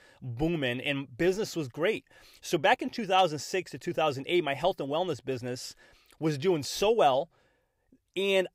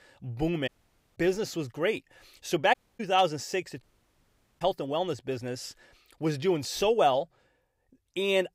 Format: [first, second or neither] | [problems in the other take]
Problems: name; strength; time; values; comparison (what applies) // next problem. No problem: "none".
first | audio cutting out; at 0.5 s, at 2.5 s and at 4 s for 1 s